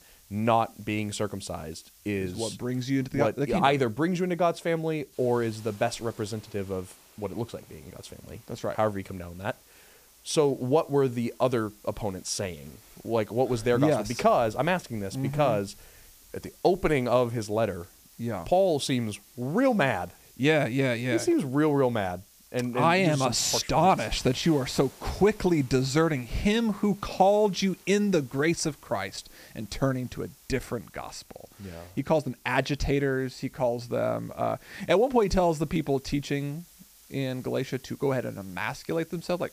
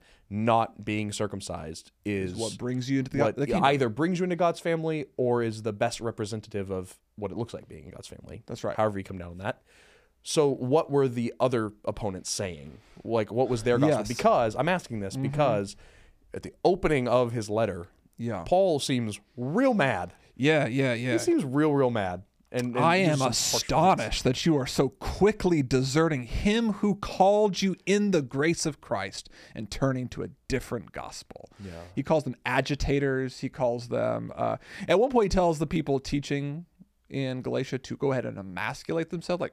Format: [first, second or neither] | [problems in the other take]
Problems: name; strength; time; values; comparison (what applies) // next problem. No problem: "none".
second | hiss; faint; throughout; 25 dB below the speech